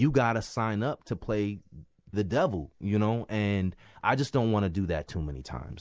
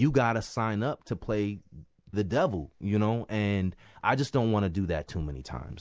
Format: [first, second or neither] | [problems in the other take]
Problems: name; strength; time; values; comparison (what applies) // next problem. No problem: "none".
second | noise reduction (neural mask model Resemble Enhance denoiser)